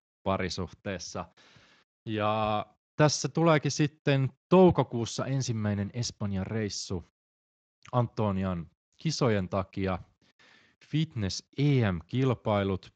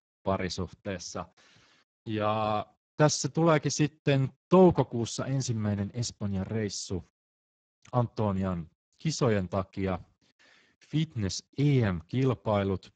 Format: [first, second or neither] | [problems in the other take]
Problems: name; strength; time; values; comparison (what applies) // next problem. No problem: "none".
first | garbled, watery; badly; nothing above 7.5 kHz; slightly in the first